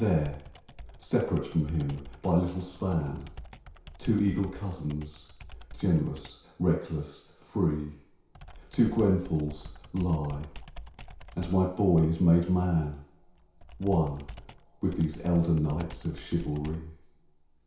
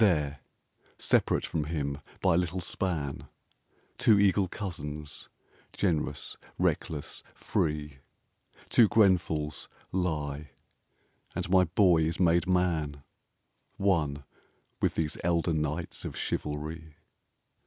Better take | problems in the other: second | background sound (Computer keyboard); 17 dB below the speech // room echo; dies away in 0.6 s

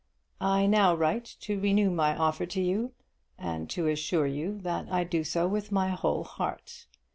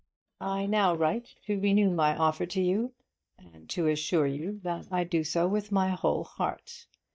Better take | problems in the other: first | noise reduction (neural mask model DeepFilterNet 3)

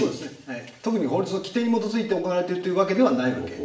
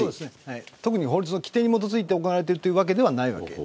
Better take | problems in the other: second | room echo; dies away in 0.5 s

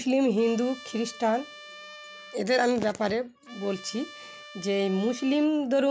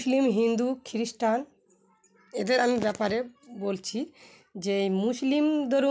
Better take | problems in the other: second | background sound (Trumpet); 19 dB below the speech

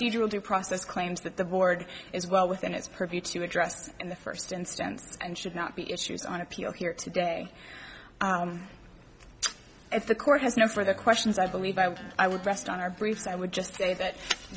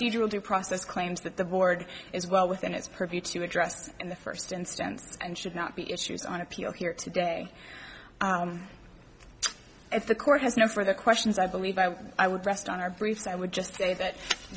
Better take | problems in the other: second | background sound (Electric guitar); 18 dB below the speech

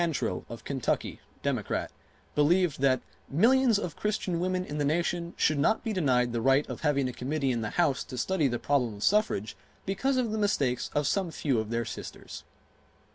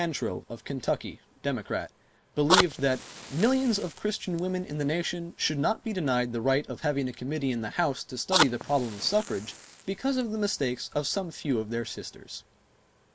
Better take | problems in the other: first | noise reduction (neural mask model Resemble Enhance denoiser)

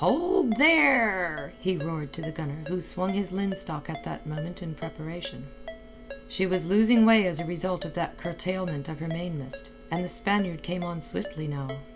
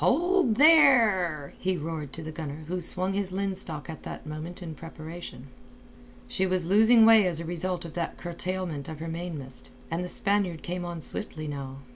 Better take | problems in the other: second | background sound (Ringtone); 16 dB below the speech

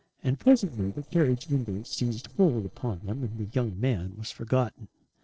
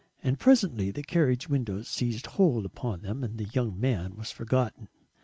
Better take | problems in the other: second | noise reduction (neural separator model SepFormer DNS4)

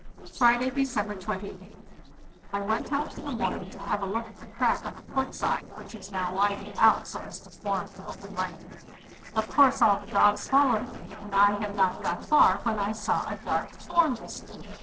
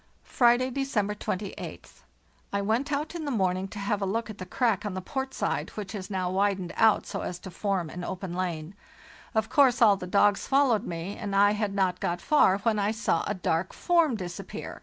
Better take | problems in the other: second | noise reduction (neural separator model SepFormer DNS4)

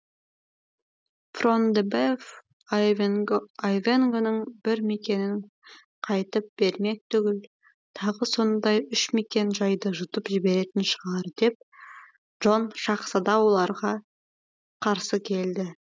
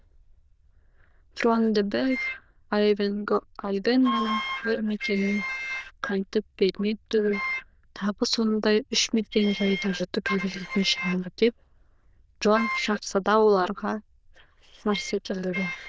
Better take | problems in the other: first | noise reduction (neural diffusion model UNIVERSE++)

